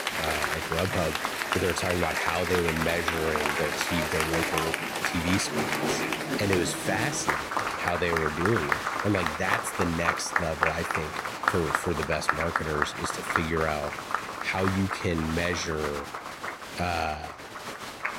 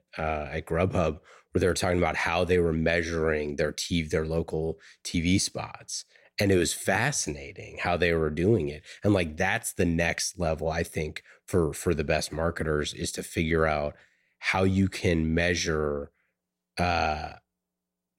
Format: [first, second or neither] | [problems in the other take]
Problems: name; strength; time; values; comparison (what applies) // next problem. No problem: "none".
second | crowd noise; very loud; throughout; 1 dB above the speech